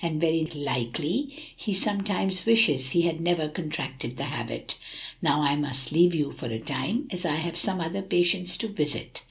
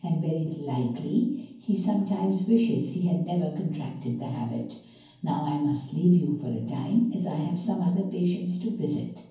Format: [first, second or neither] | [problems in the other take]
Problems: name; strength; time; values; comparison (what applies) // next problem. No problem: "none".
first | room echo; dies away in 0.9 s